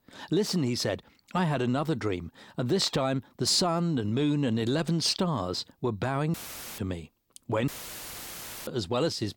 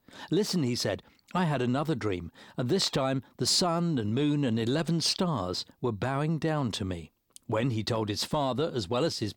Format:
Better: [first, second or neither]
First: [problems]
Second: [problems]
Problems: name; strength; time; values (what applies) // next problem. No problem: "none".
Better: second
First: audio cutting out; filled with static; at 6.5 s and at 7.5 s for 1 s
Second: none